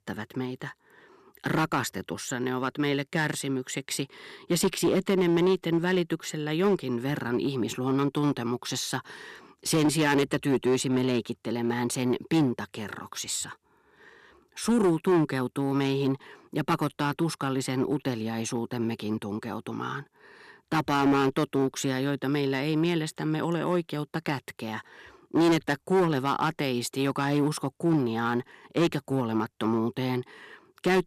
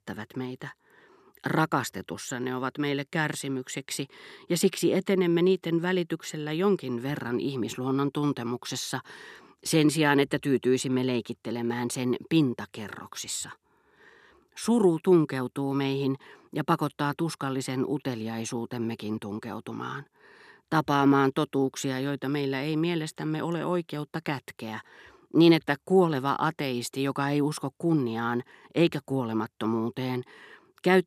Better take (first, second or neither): second